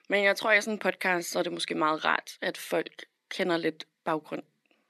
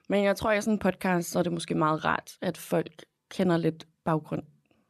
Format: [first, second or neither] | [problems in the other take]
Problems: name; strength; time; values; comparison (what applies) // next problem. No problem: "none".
second | thin; somewhat; fading below 250 Hz